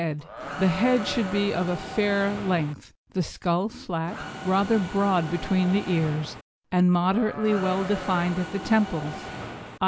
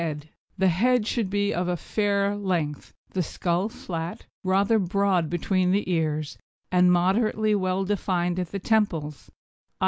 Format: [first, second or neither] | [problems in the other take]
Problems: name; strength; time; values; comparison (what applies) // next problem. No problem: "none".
second | background sound (Livestock, farm animals, working animals + Mechanisms); 10 dB below the speech